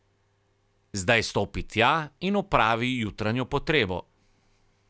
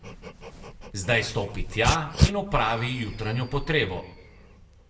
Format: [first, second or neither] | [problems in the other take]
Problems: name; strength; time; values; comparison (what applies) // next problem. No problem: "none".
first | background sound (Dog); 3 dB below the speech // room echo; dies away in 0.5 s